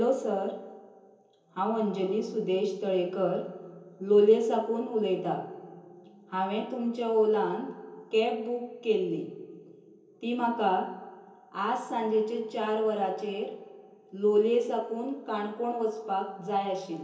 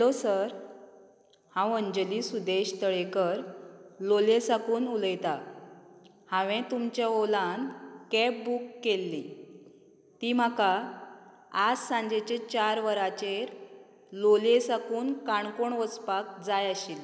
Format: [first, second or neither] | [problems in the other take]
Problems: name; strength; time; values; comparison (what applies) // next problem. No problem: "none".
second | room echo; dies away in 0.6 s